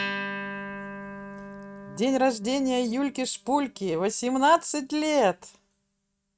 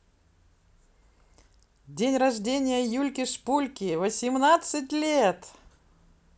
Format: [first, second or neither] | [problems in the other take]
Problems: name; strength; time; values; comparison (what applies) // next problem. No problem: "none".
second | noise reduction (neural mask model RNNoise)